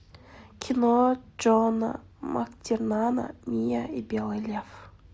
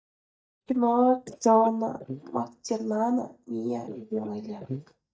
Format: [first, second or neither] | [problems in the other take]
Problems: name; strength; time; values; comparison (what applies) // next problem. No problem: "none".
first | noise reduction (neural mask model DeepFilterNet 3)